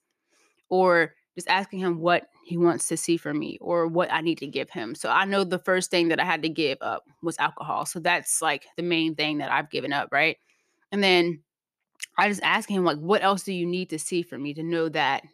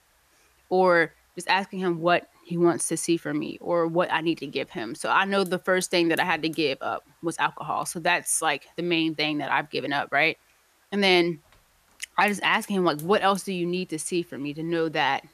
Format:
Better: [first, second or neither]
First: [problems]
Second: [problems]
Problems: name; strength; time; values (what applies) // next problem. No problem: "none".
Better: first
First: none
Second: hiss; faint; throughout; 30 dB below the speech